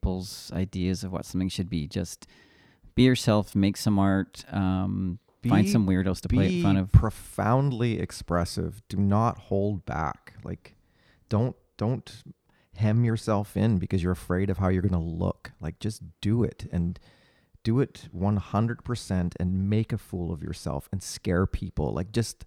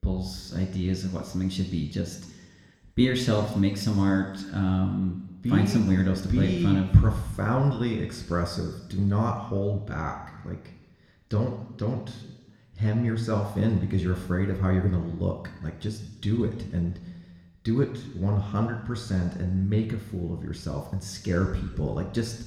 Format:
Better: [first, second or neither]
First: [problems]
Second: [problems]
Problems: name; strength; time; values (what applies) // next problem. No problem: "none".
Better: first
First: none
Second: room echo; slight; dies away in 1.1 s